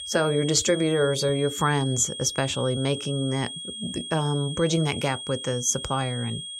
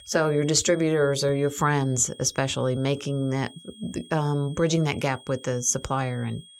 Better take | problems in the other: second | high-pitched whine; loud; throughout; 3.5 kHz, 8 dB below the speech; faint in the second

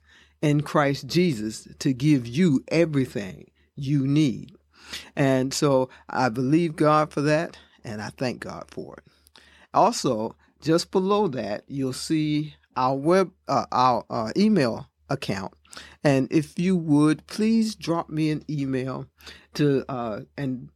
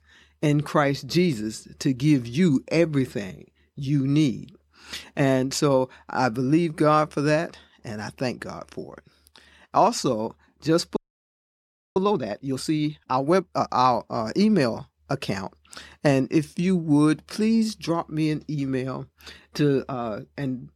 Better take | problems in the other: first | audio freezing; at 11 s for 1 s

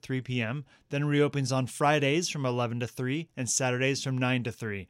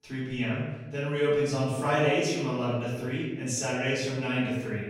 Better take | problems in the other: first | off-mic speech; far // room echo; noticeable; dies away in 1.1 s

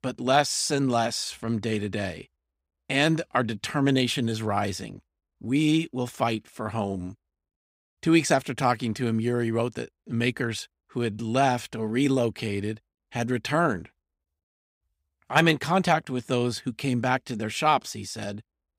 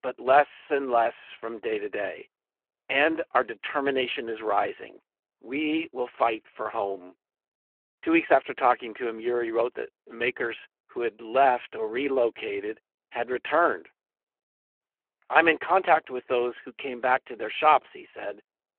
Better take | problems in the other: first | phone-call audio

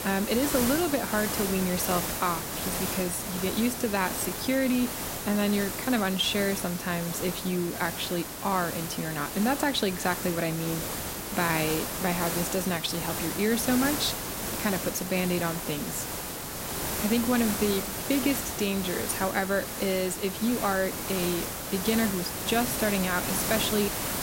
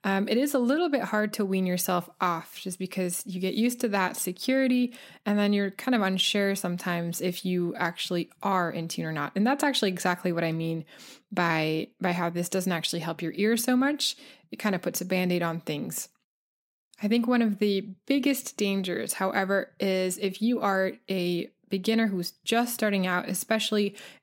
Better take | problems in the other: second | hiss; loud; throughout; 3 dB below the speech

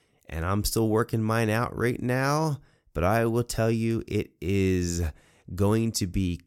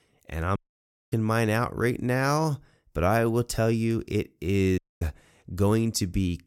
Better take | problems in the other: first | audio cutting out; at 0.5 s for 0.5 s and at 5 s

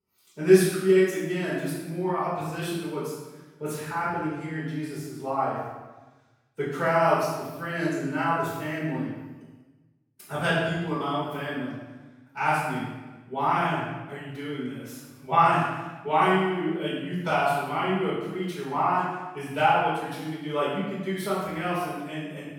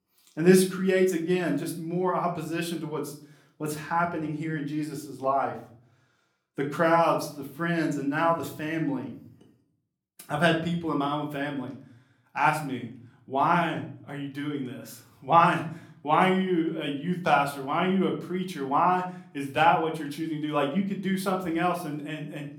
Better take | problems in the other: second | room echo; strong; dies away in 1 s; slight in the second // off-mic speech; far; somewhat distant in the second

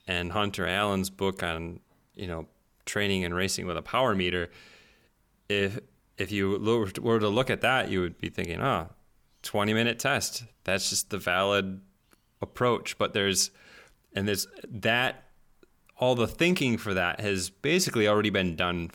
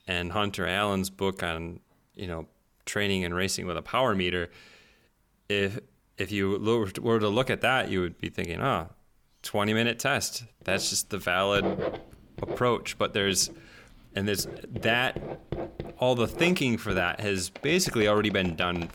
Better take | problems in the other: first | household noises; noticeable; from 11 s on; 10 dB below the speech

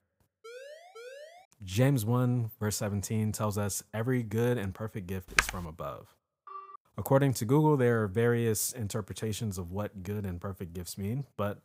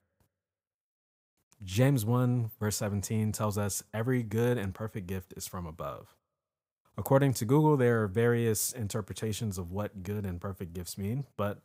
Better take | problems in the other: second | siren; faint; until 1.5 s; peak 15 dB below the speech // keyboard typing; loud; at 5.5 s; peak 2 dB above the speech // phone ringing; faint; at 6.5 s; peak 15 dB below the speech

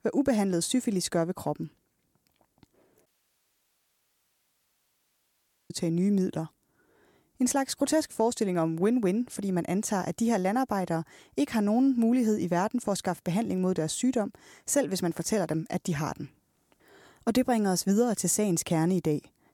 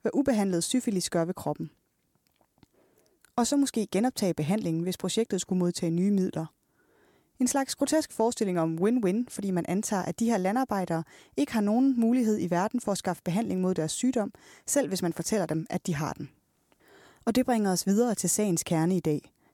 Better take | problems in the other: second | audio cutting out; at 3 s for 2.5 s

